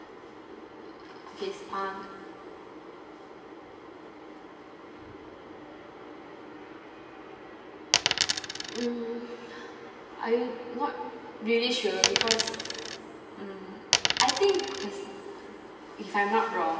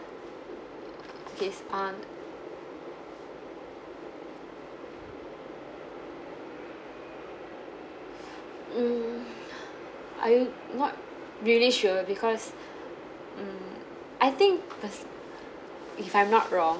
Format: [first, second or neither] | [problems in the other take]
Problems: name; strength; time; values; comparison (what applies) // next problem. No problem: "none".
second | background sound (Coin (dropping)); 5 dB above the speech // room echo; dies away in 2.6 s